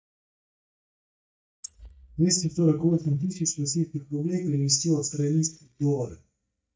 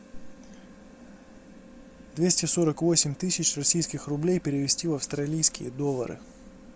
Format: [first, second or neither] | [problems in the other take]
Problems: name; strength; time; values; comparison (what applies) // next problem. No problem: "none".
second | noise reduction (neural mask model DeepFilterNet 3)